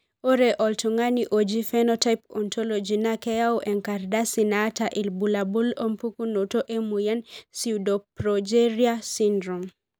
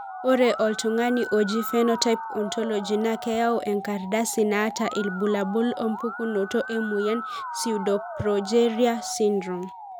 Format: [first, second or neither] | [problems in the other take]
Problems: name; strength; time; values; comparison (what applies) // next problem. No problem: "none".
first | background sound (Musical instrument); 11 dB below the speech